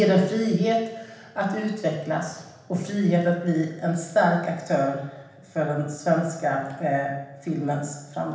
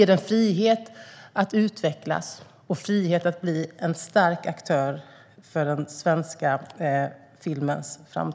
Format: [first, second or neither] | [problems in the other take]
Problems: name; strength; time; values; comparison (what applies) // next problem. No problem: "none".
second | room echo; dies away in 0.9 s